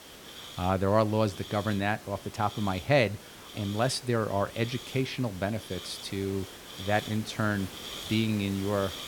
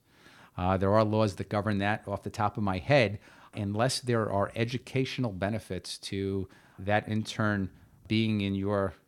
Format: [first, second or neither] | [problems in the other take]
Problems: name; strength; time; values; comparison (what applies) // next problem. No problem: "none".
second | hiss; noticeable; throughout; 15 dB below the speech